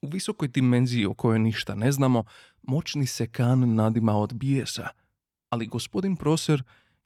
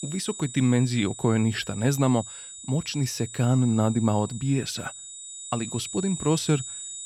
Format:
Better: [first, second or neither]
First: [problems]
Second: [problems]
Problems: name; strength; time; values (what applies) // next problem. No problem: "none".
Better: first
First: none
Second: high-pitched whine; noticeable; throughout; 8 kHz, 10 dB below the speech